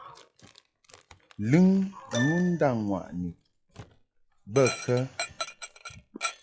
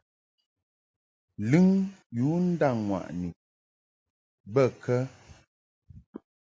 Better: second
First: noise reduction (classical method log-MMSE)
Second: none

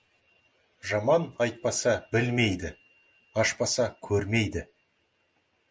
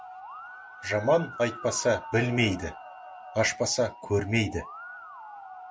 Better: first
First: none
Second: background sound (Musical instrument); 14 dB below the speech

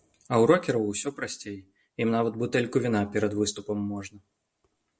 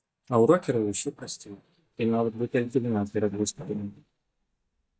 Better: first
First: none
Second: noise reduction (neural mask model DeepFilterNet 3)

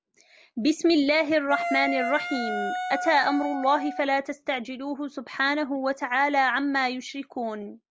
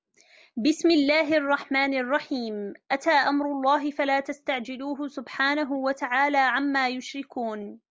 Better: second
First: background sound (Wind instrument, woodwind instrument); 5 dB below the speech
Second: none

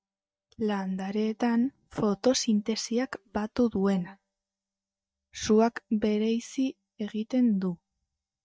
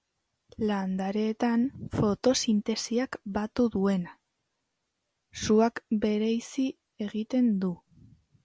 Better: second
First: noise reduction (neural mask model DeepFilterNet 3)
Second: none

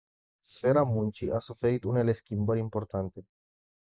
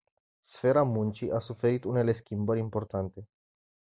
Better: second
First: noise reduction (neural mask model Resemble Enhance denoiser)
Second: none

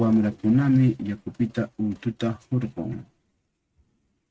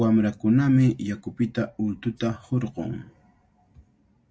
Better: second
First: noise reduction (neural mask model RNNoise)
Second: none

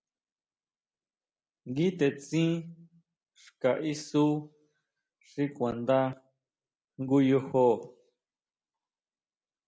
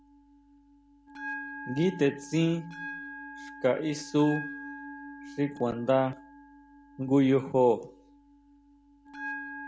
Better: first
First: none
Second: background sound (Bell); 13 dB below the speech

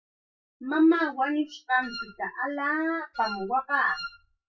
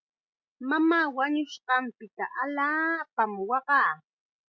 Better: second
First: noise reduction (classical method WPE with log-MMSE)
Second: none

